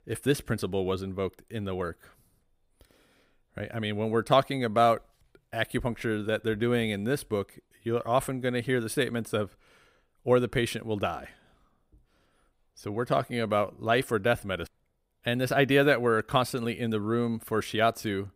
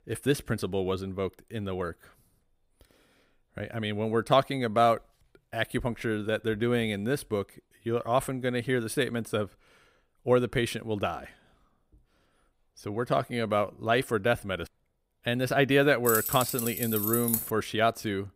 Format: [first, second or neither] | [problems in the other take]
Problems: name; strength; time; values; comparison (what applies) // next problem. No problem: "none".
first | jangling keys; loud; from 16 to 18 s; peak 1 dB above the speech